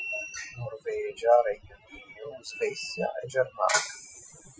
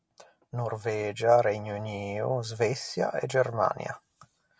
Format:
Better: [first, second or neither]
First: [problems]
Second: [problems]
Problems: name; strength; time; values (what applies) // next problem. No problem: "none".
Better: second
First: noise reduction (classical method Wiener filter)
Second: none